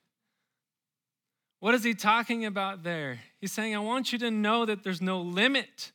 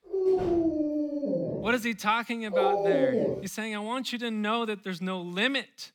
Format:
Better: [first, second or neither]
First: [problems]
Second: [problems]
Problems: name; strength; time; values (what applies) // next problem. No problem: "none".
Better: first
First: none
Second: dog barking; loud; until 3.5 s; peak 6 dB above the speech